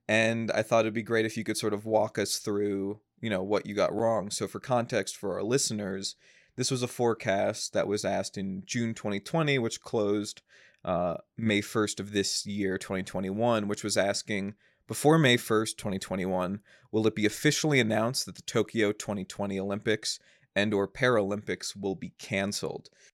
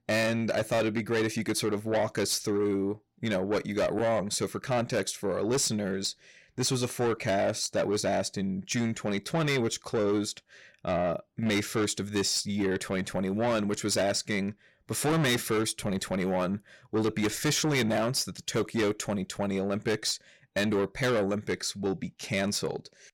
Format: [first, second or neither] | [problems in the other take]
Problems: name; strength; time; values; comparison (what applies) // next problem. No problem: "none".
first | distortion; heavy; 8 dB below the speech